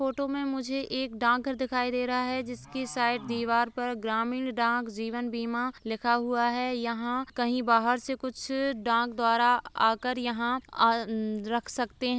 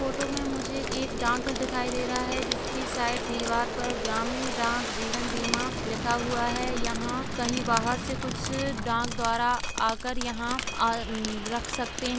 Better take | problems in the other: first | background sound (Aircraft + Drip); 1 dB below the speech

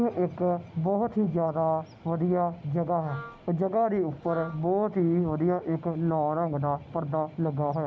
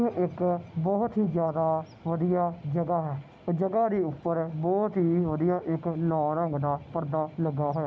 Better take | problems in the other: second | background sound (Wind instrument, woodwind instrument); 18 dB below the speech

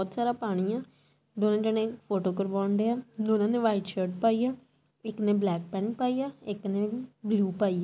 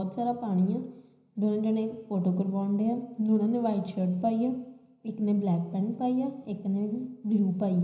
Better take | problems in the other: first | room echo; dies away in 0.9 s

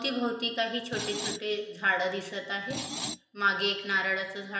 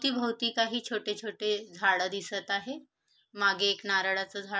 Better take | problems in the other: second | background sound (Screech); 6 dB below the speech // room echo; dies away in 0.9 s

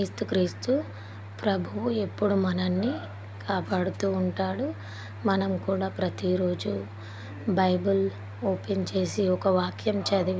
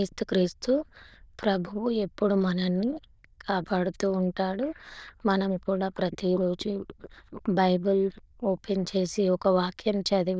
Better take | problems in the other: first | noise reduction (neural diffusion model UNIVERSE++)

